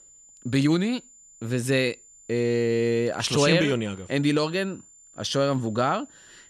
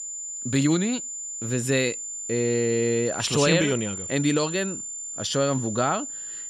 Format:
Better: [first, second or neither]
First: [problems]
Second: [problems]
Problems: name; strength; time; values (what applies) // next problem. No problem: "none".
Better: first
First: high-pitched whine; faint; throughout; 7 kHz, 25 dB below the speech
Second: high-pitched whine; loud; throughout; 7 kHz, 7 dB below the speech